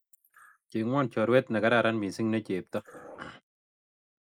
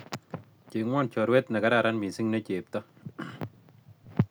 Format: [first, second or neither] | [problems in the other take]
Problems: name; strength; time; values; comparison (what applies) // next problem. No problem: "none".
second | noise reduction (neural mask model Resemble Enhance denoiser)